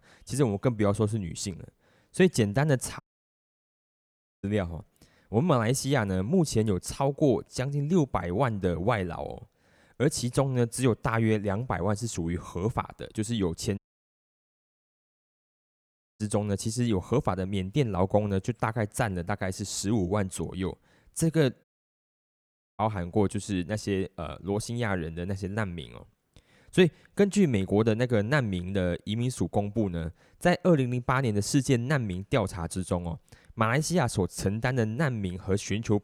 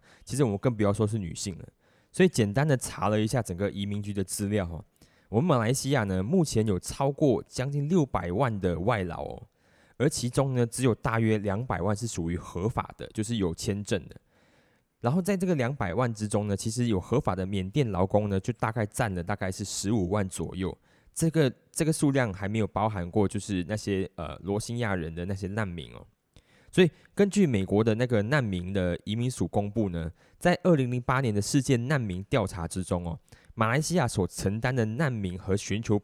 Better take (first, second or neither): second